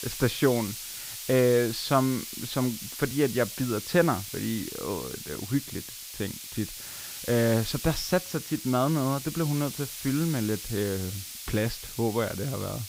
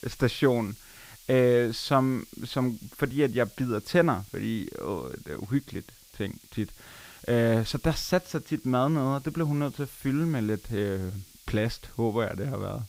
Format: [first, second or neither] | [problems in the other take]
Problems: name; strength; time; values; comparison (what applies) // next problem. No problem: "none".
second | hiss; loud; throughout; 8 dB below the speech; faint in the second